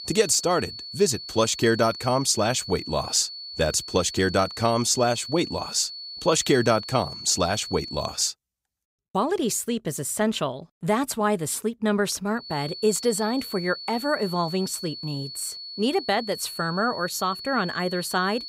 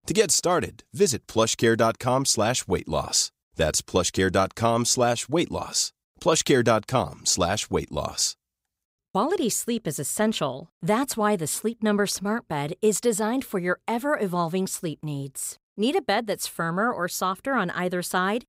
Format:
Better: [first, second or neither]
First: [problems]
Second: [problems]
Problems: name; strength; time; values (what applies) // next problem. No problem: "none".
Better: second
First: high-pitched whine; noticeable; until 8 s and from 12 s on; 4.5 kHz, 10 dB below the speech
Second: none